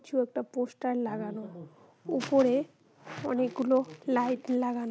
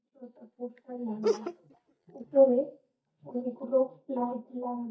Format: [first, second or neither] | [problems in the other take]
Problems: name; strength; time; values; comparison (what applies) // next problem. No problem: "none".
first | noise reduction (neural mask model DeepFilterNet 3)